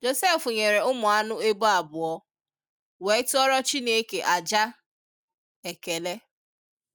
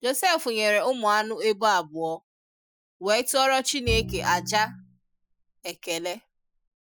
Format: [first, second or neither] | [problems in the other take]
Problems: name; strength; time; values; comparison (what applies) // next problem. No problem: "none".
first | noise reduction (classical method Wiener filter)